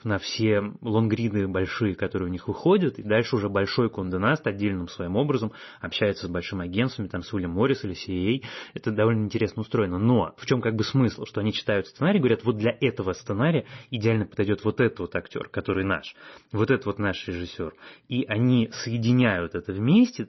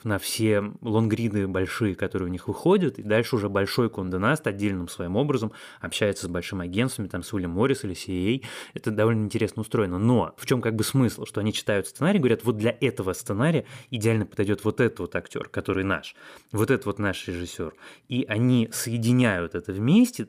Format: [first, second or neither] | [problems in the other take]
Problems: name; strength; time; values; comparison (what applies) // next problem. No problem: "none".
second | garbled, watery; slightly; nothing above 6 kHz